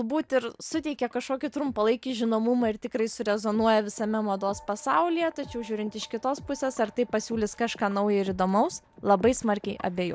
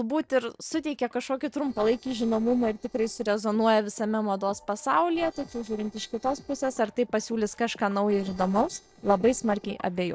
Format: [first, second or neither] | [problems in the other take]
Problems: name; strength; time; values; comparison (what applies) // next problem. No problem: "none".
first | noise reduction (neural separator model SepFormer DNS4)